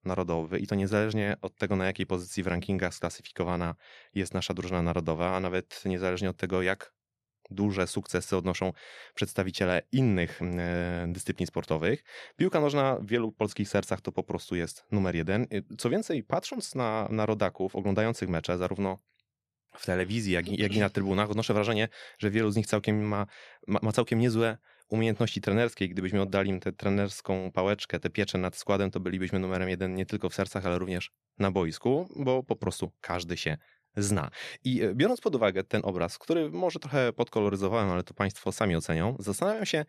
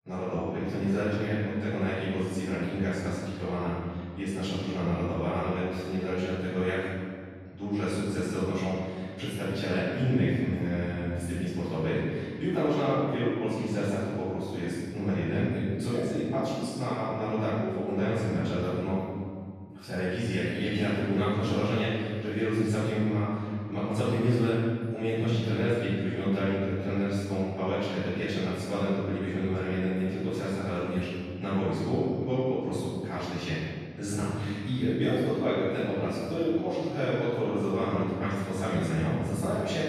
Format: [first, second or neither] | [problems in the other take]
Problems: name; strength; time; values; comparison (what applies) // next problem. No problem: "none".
first | off-mic speech; far // room echo; strong; dies away in 2.2 s